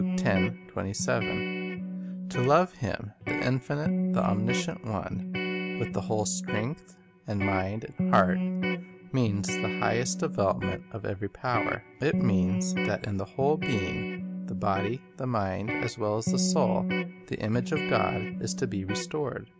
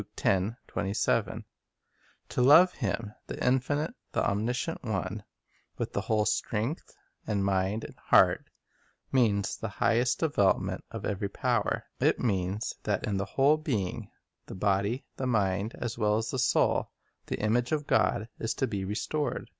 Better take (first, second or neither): second